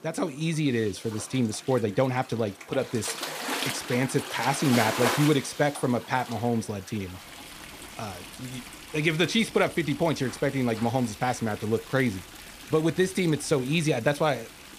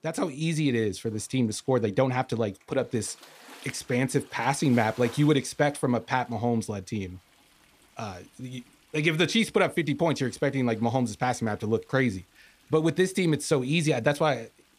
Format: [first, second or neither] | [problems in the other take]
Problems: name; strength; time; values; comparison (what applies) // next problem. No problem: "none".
second | rain or running water; loud; throughout; 10 dB below the speech; faint in the second